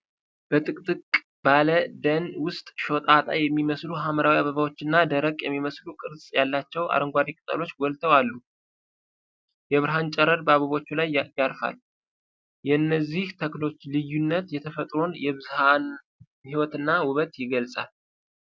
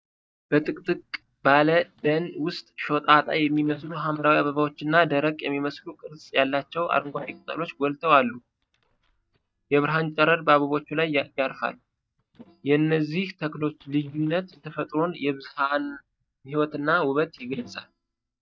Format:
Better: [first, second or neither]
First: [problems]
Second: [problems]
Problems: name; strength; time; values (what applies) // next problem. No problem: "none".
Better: first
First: none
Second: noise reduction (neural mask model DeepFilterNet 3)